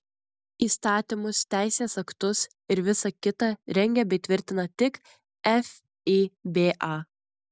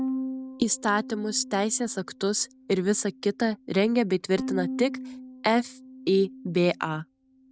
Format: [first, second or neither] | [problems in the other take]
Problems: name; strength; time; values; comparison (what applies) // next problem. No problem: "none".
first | background sound (Bowed string instrument); 11 dB below the speech